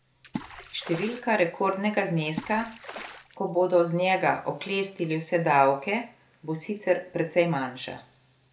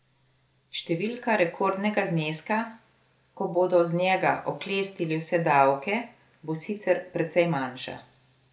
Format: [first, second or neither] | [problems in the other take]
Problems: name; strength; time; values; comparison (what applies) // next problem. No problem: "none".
second | background sound (Water / Splash, splatter); 15 dB below the speech